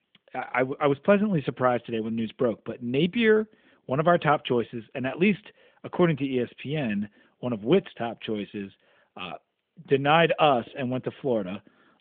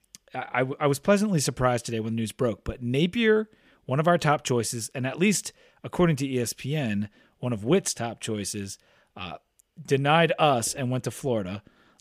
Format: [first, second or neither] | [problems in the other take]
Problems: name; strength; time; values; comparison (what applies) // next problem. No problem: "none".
second | phone-call audio